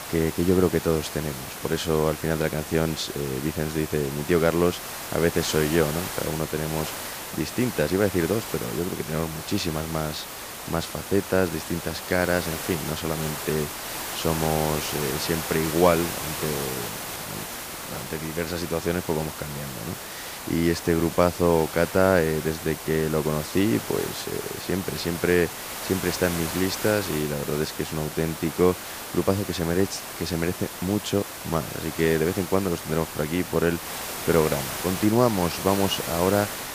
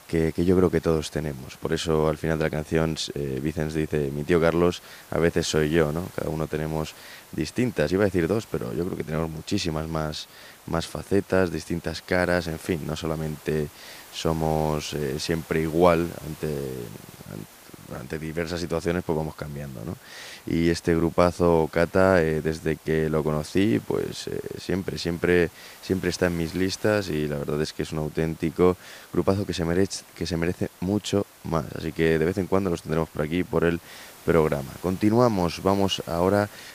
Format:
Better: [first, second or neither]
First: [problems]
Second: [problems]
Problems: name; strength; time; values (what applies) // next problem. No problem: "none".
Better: second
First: hiss; loud; throughout; 7 dB below the speech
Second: hiss; faint; throughout; 20 dB below the speech